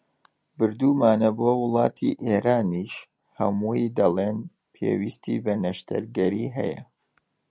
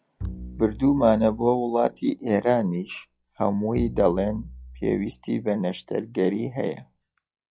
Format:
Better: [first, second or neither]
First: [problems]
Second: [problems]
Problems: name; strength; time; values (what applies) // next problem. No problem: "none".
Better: first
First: none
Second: noise reduction (classical method log-MMSE)